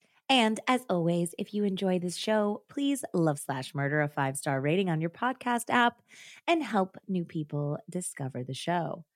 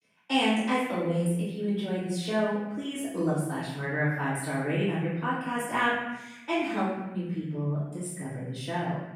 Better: first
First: none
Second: off-mic speech; far // room echo; strong; dies away in 0.9 s

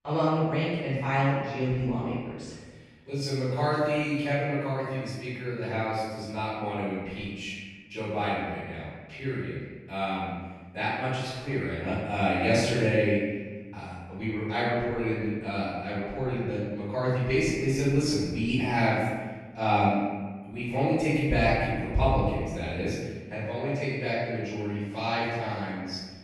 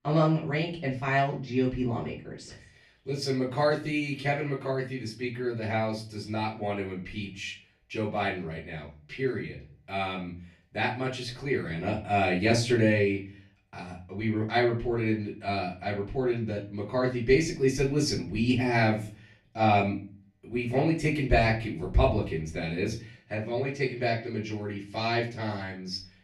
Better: second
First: room echo; strong; dies away in 1.2 s // off-mic speech; far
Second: room echo; slight; dies away in 0.4 s // off-mic speech; far

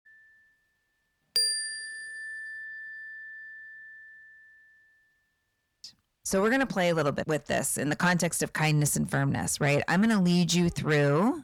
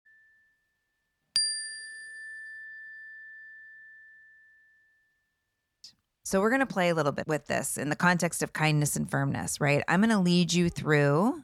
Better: second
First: distortion; slight; 10 dB below the speech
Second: none

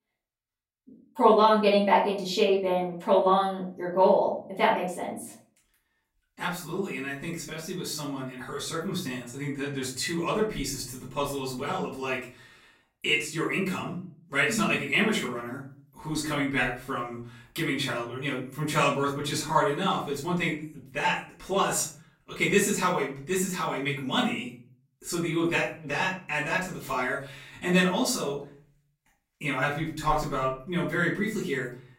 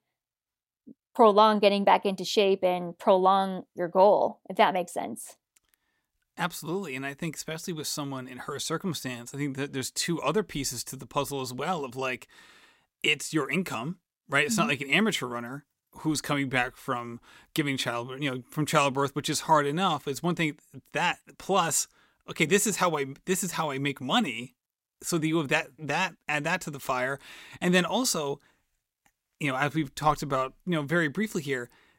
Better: second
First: off-mic speech; far // room echo; slight; dies away in 0.4 s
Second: none

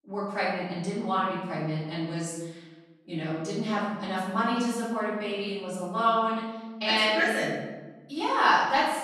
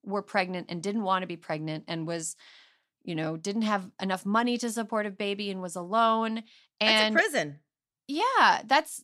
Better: second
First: off-mic speech; far // room echo; strong; dies away in 1 s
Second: none

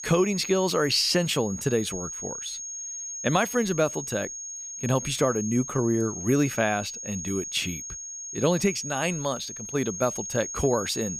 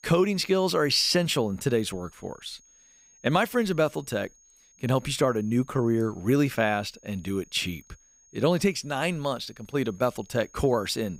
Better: second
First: high-pitched whine; loud; throughout; 6.5 kHz, 7 dB below the speech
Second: high-pitched whine; faint; throughout; 6.5 kHz, 30 dB below the speech

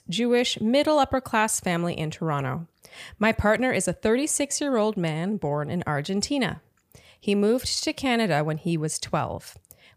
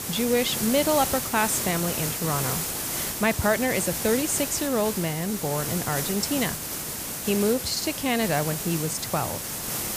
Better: first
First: none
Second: hiss; loud; throughout; 2 dB below the speech

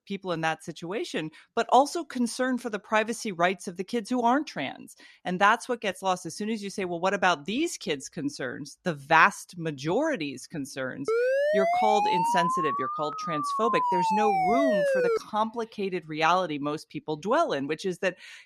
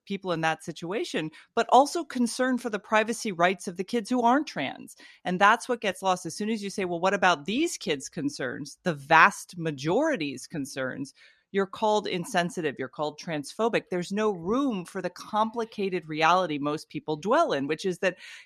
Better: second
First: siren; loud; from 11 to 15 s; peak 4 dB above the speech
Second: none

